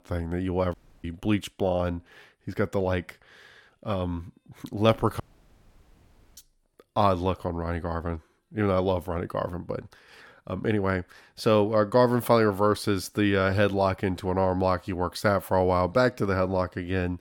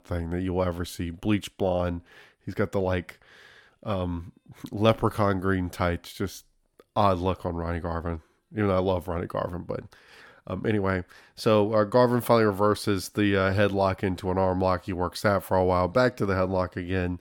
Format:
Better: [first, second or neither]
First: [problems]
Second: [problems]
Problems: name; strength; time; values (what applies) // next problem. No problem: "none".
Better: second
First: audio cutting out; at 0.5 s and at 5 s for 1 s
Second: none